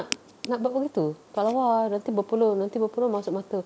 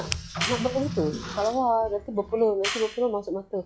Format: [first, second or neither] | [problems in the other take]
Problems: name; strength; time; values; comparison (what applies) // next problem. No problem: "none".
first | noise reduction (classical method log-MMSE)